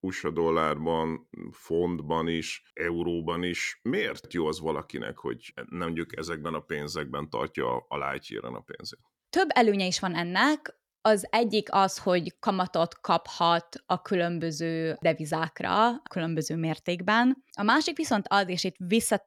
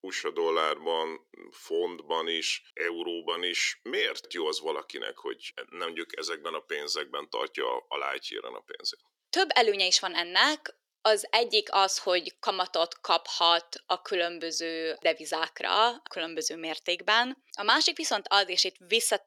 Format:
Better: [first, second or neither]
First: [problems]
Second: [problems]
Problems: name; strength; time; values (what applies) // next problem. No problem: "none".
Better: first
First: none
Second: thin; very; fading below 400 Hz